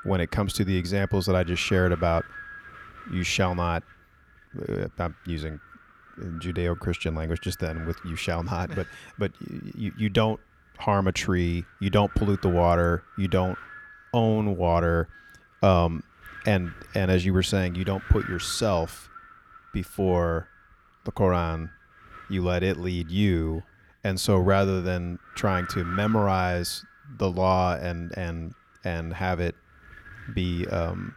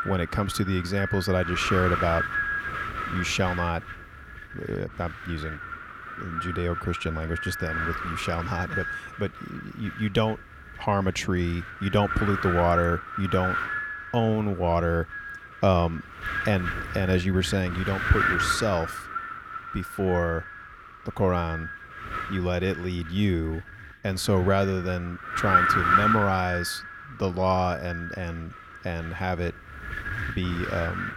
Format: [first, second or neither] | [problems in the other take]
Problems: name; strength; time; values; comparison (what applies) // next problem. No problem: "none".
first | wind noise on the microphone; heavy; 1 dB above the speech; occasional gusts in the first